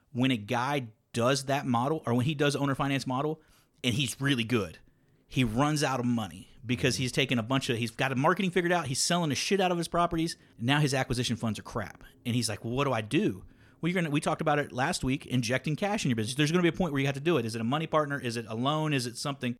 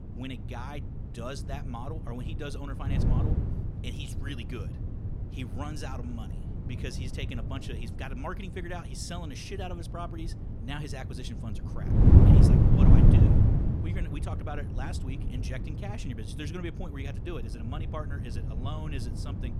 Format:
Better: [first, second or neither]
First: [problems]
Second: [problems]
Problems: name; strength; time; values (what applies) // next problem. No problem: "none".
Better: first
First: none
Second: wind noise on the microphone; heavy; 3 dB above the speech